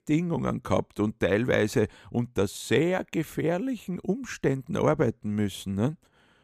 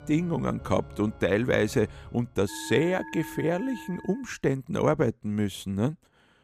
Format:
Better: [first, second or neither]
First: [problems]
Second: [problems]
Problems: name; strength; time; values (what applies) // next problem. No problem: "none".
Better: first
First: none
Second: background music; noticeable; until 4 s; 15 dB below the speech